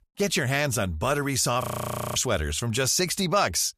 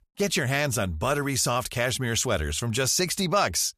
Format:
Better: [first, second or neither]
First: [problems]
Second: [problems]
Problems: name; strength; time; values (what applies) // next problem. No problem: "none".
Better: second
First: audio freezing; at 1.5 s for 0.5 s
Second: none